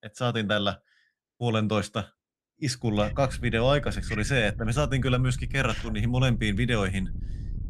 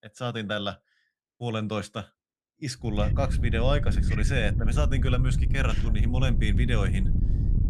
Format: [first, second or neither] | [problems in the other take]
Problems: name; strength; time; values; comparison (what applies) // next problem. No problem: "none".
first | wind noise on the microphone; heavy; from 3 s on; 10 dB below the speech; occasional gusts in the first